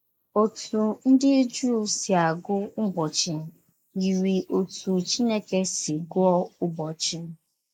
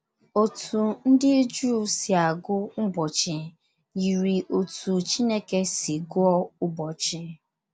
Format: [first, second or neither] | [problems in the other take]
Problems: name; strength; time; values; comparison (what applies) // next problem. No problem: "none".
second | noise reduction (neural mask model Resemble Enhance denoiser)